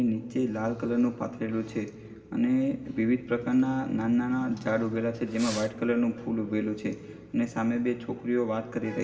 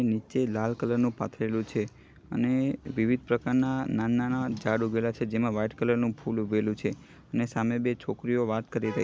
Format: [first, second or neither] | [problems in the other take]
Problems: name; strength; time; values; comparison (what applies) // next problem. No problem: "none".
second | background sound (Fireworks); 16 dB below the speech // room echo; dies away in 2.2 s